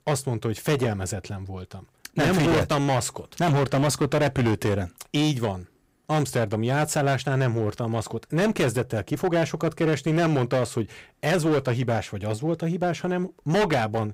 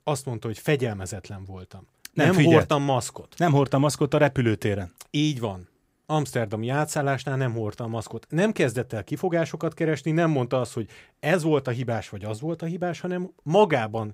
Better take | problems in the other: second | distortion; heavy; 16% of the sound clipped

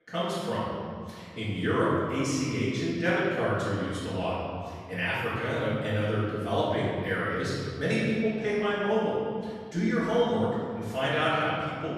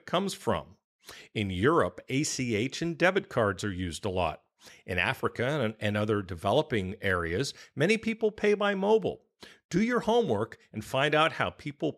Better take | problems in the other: second | off-mic speech; far // room echo; strong; dies away in 2 s

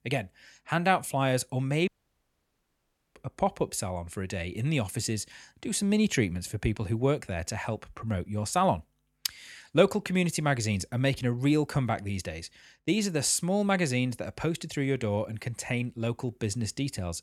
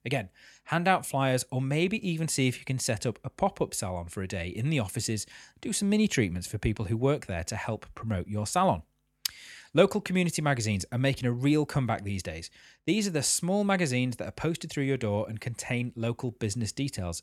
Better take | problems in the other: second | audio cutting out; at 2 s for 1.5 s

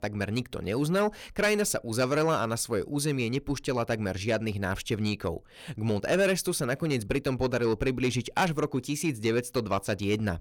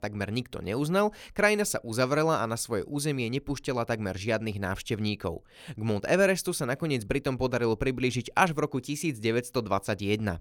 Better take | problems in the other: second | distortion; slight; 10 dB below the speech

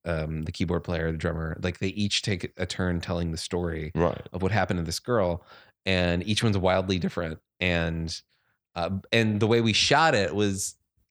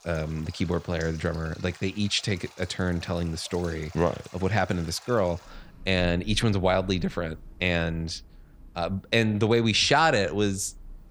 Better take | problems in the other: first | rain or running water; faint; throughout; 20 dB below the speech

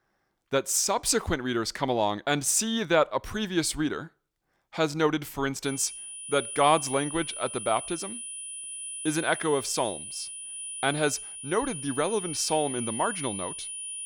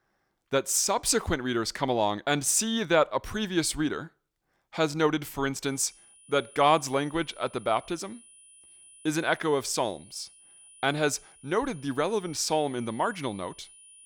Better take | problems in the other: second | high-pitched whine; loud; from 5.5 s on; 10 kHz, 7 dB below the speech; faint in the second

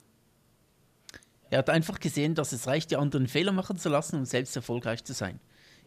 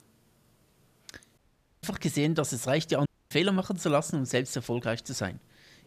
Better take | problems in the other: first | audio cutting out; at 1.5 s and at 3 s

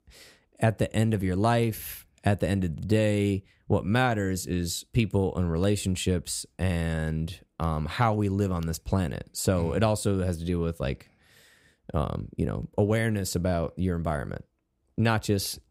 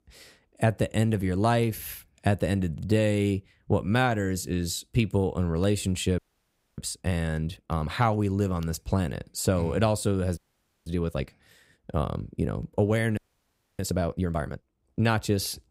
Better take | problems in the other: first | audio freezing; at 6 s for 0.5 s, at 10 s and at 13 s for 0.5 s

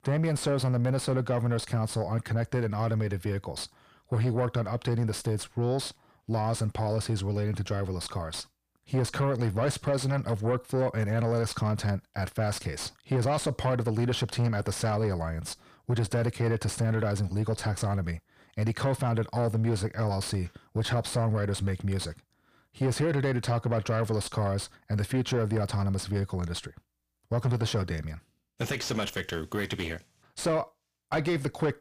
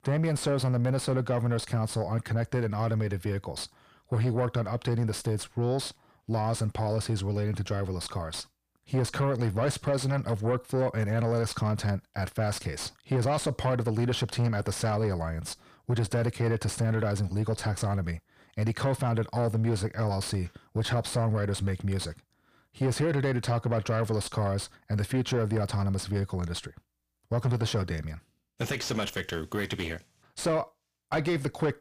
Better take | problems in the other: neither | distortion; slight; 10 dB below the speech; the same in both

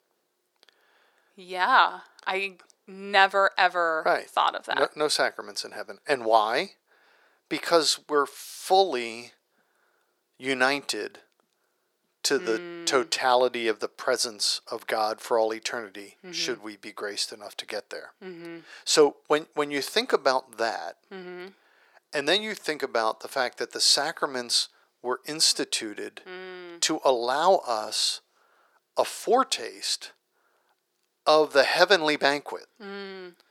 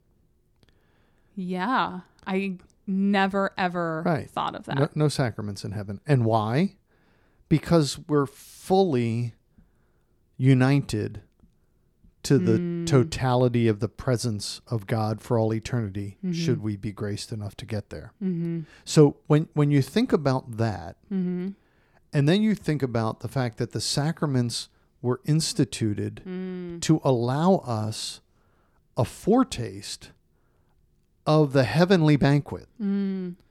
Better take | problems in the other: second | thin; very; fading below 500 Hz

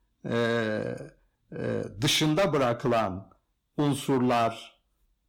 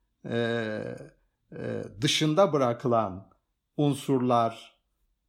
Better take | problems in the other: second | distortion; heavy; 9% of the sound clipped

